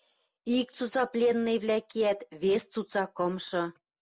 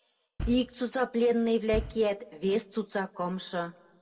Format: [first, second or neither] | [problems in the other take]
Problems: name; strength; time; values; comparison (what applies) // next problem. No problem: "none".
first | background sound (Bass drum); 10 dB below the speech // room echo; dies away in 1 s